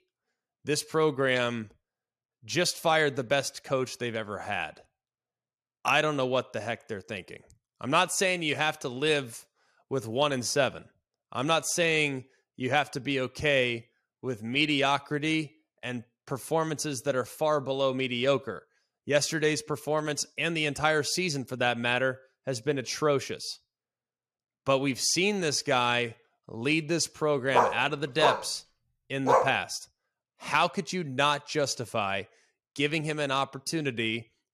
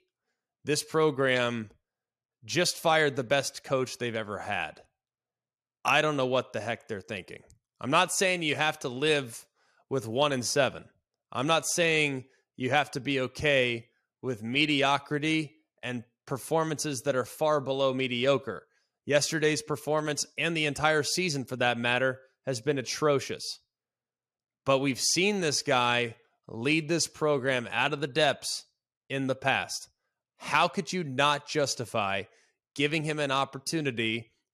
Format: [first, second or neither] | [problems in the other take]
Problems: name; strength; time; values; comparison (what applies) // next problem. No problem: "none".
second | dog barking; loud; from 28 to 30 s; peak 3 dB above the speech